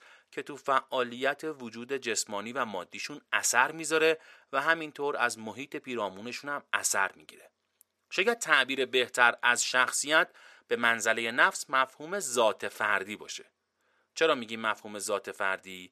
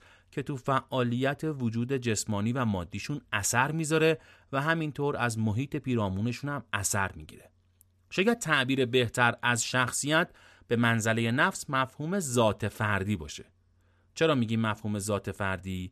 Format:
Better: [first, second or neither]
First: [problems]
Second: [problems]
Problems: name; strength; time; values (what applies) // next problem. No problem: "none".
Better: second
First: thin; very; fading below 500 Hz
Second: none